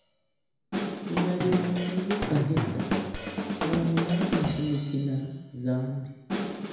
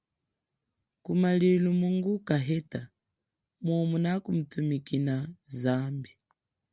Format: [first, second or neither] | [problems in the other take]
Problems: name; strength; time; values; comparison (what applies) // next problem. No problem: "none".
second | background sound (Drum / Drum kit); 2 dB below the speech // room echo; dies away in 1 s